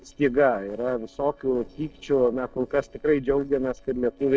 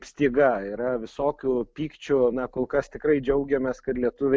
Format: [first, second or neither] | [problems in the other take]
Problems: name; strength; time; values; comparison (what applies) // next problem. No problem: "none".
second | noise reduction (neural separator model SepFormer DNS4)